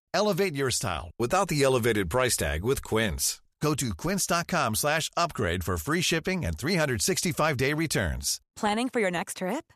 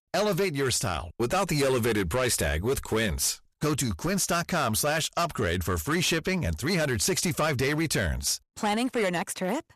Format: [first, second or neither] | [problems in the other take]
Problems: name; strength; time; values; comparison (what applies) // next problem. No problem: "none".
first | distortion; slight; 11% of the sound clipped